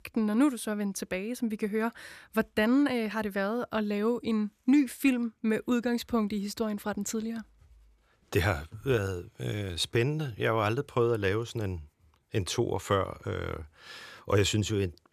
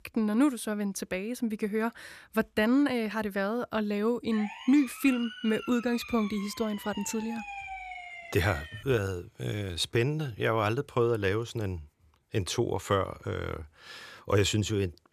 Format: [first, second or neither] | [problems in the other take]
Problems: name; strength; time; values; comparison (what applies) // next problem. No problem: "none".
first | siren; noticeable; from 4.5 to 9 s; peak 9 dB below the speech